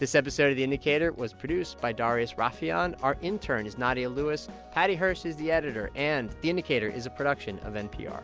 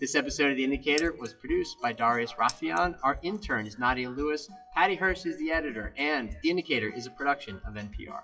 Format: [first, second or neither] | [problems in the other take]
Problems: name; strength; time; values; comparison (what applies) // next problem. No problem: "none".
first | noise reduction (classical method WPE with log-MMSE)